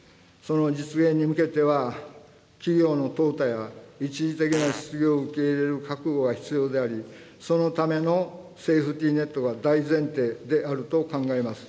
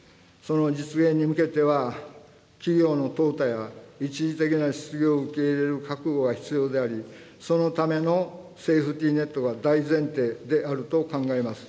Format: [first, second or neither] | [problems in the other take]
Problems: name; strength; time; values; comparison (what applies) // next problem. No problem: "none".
second | background sound (Fart); 11 dB below the speech